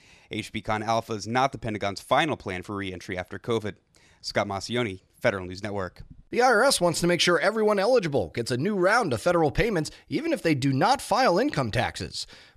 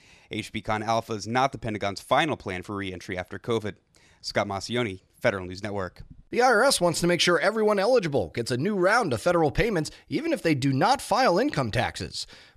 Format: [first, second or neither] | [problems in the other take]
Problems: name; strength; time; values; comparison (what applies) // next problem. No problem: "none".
neither | none